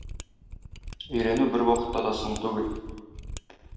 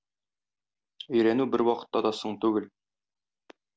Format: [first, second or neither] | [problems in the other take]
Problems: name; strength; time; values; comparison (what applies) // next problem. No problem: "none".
second | background sound (Mechanisms); 11 dB below the speech // room echo; dies away in 1.2 s